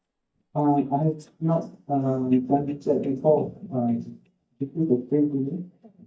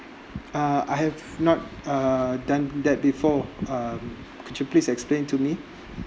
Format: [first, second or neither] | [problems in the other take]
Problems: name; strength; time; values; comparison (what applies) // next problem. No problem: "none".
second | noise reduction (neural mask model DeepFilterNet 3)